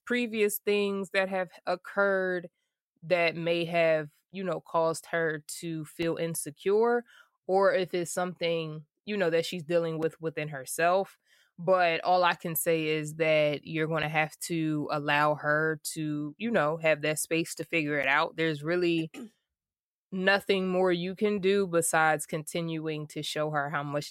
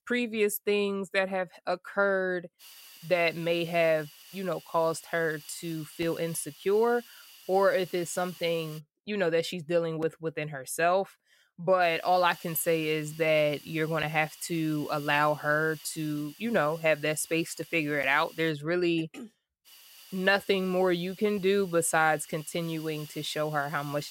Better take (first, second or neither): first